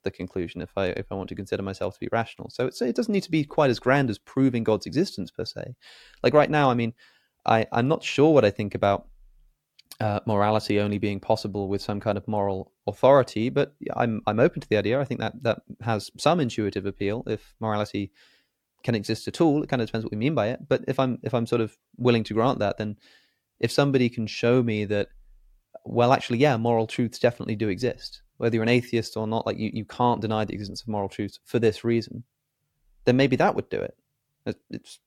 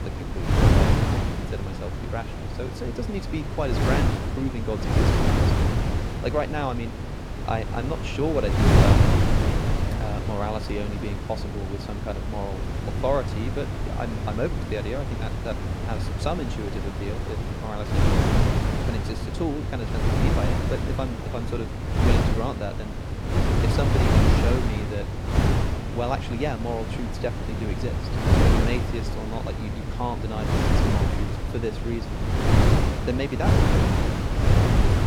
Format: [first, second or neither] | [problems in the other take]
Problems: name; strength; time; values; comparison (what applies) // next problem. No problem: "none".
first | wind noise on the microphone; heavy; 2 dB above the speech